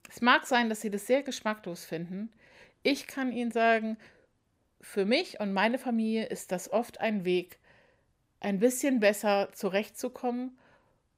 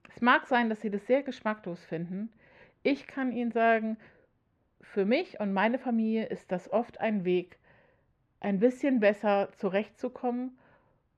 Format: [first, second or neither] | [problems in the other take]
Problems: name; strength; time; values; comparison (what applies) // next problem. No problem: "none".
first | muffled; slightly; fading above 2.5 kHz